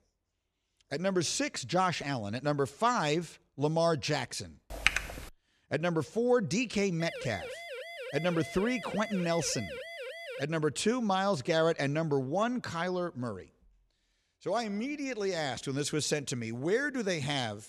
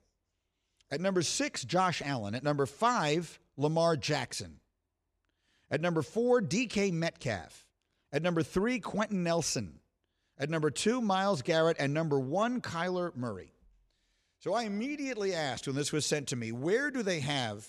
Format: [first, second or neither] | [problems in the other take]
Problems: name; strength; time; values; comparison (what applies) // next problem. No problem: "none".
second | keyboard typing; loud; at 5 s; peak 2 dB above the speech // siren; noticeable; from 7 to 10 s; peak 9 dB below the speech